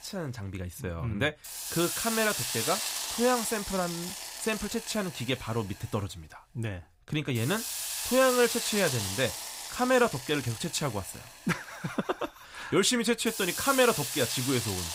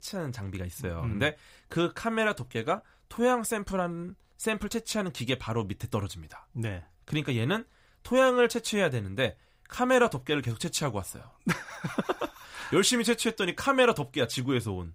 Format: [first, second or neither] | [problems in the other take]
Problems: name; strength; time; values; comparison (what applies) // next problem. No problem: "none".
second | hiss; loud; throughout; 3 dB below the speech